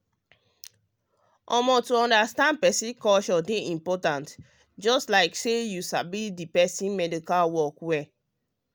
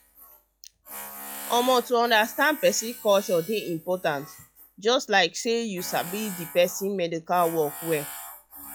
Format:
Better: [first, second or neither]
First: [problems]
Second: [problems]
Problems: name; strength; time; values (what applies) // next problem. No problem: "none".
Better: first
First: none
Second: noise reduction (classical method log-MMSE)